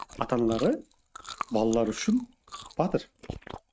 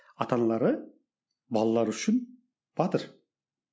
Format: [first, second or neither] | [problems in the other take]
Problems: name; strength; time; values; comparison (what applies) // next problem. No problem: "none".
second | noise reduction (neural mask model RNNoise)